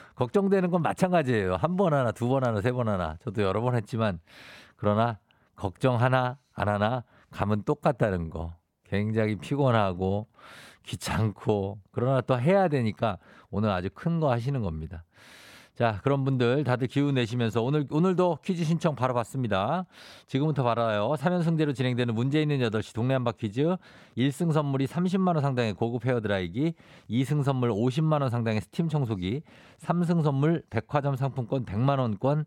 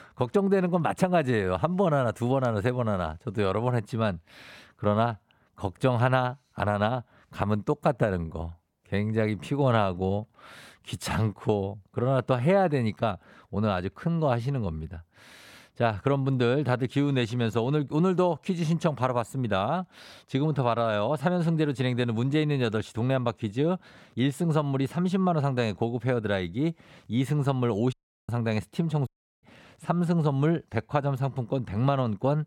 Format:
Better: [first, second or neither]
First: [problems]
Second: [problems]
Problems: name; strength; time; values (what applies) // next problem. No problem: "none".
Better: first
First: none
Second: audio cutting out; at 28 s and at 29 s